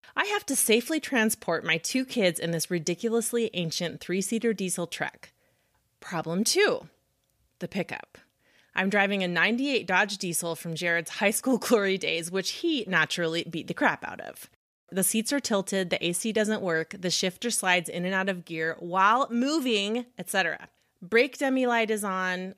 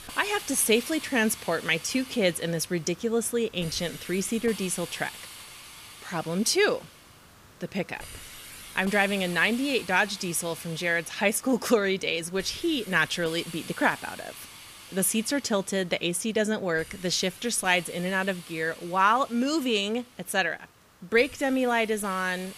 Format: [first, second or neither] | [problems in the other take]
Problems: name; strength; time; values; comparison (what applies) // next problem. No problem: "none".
first | hiss; noticeable; throughout; 15 dB below the speech